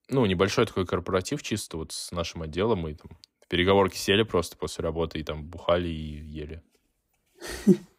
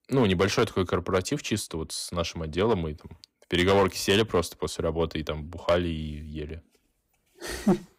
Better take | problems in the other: first | distortion; slight; 3% of the sound clipped

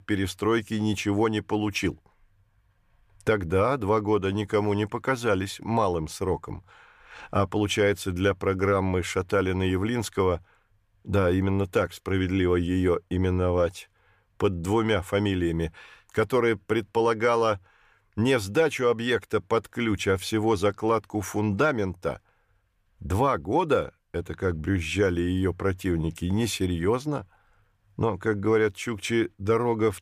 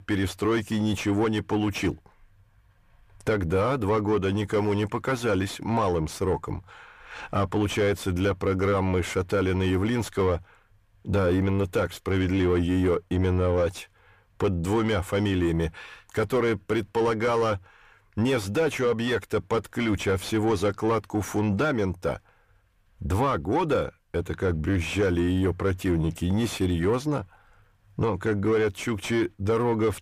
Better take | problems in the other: first | distortion; slight; 10 dB below the speech

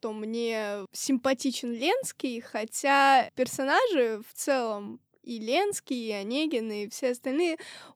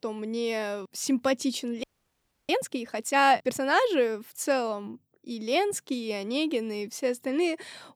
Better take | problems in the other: first | audio freezing; at 2 s for 0.5 s

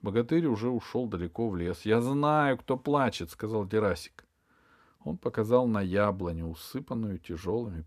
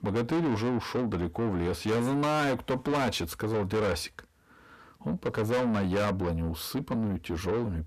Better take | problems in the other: first | distortion; heavy; 6 dB below the speech

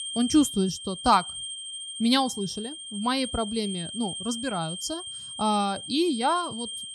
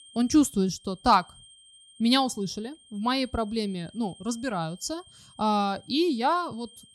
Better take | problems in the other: second | high-pitched whine; loud; throughout; 3 kHz, 8 dB below the speech; faint in the second

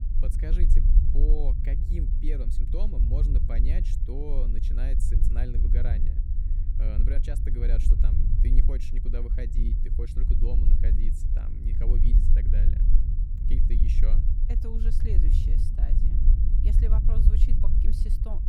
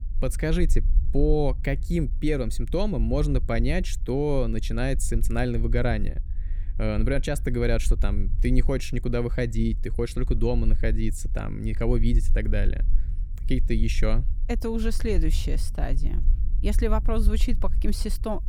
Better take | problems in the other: second | low rumble; loud; throughout; 2 dB below the speech; faint in the second

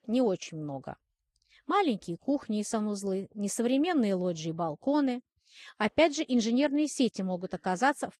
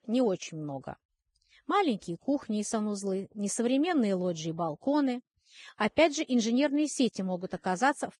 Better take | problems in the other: first | garbled, watery; badly; nothing above 10 kHz; slightly in the first

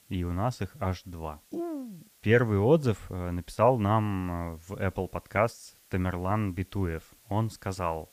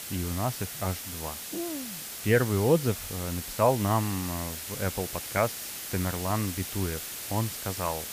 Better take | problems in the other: first | hiss; loud; throughout; 6 dB below the speech; faint in the first

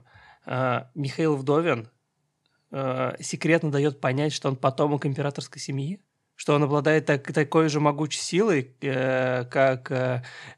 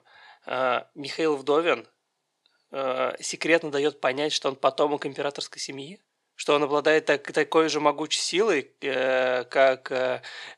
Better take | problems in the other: first | thin; somewhat; fading below 450 Hz

